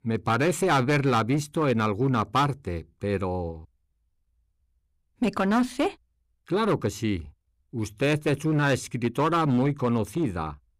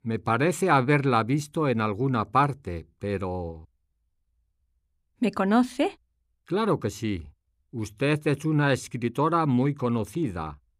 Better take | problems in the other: second | distortion; slight; 8% of the sound clipped

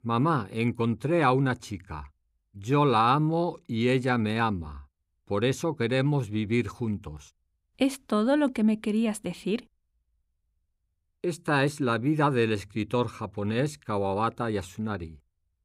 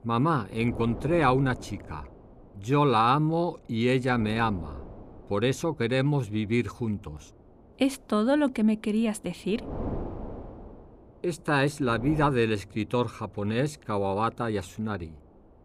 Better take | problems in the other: first | wind noise on the microphone; occasional gusts; 15 dB below the speech

